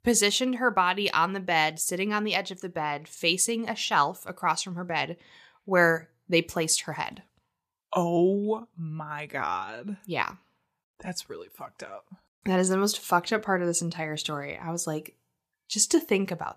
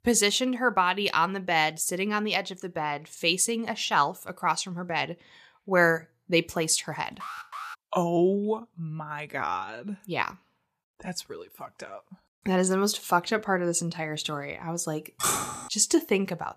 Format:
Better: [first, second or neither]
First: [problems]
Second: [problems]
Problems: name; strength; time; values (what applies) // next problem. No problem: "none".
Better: first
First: none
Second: alarm; faint; at 7 s; peak 10 dB below the speech // clattering dishes; loud; at 15 s; peak 1 dB above the speech